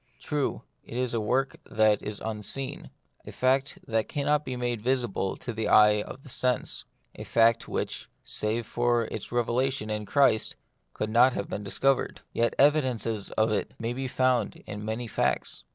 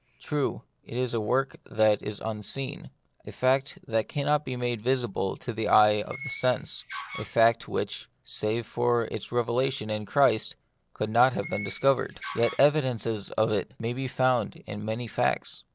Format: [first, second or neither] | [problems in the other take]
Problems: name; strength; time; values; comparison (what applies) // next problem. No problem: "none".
first | background sound (Door); 13 dB below the speech